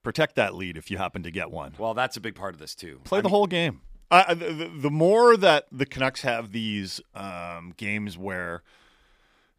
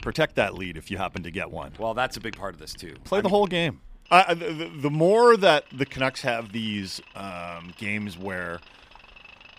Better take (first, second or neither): first